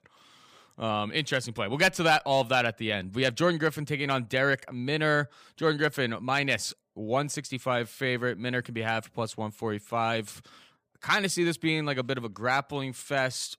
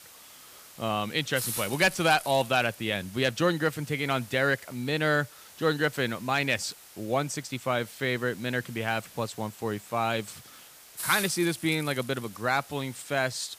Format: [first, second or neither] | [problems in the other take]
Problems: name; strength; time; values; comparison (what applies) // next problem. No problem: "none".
first | hiss; noticeable; throughout; 15 dB below the speech